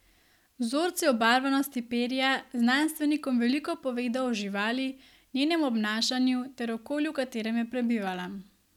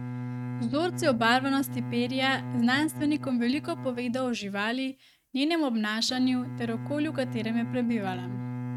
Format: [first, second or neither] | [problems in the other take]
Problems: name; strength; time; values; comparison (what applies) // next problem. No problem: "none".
first | noise reduction (neural mask model RNNoise)